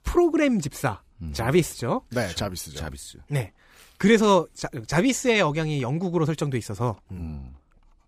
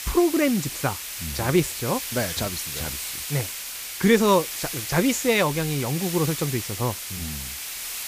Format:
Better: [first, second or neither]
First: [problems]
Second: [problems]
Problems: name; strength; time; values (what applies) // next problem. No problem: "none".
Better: first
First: none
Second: hiss; loud; throughout; 6 dB below the speech